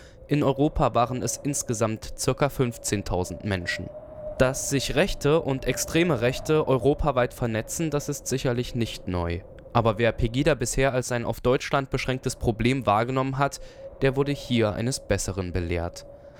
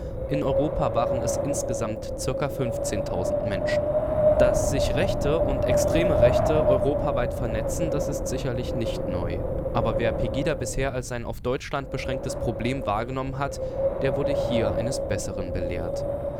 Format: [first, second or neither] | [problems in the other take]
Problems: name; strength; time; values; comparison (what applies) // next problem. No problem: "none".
first | wind noise on the microphone; heavy; 5 dB above the speech; occasional gusts in the first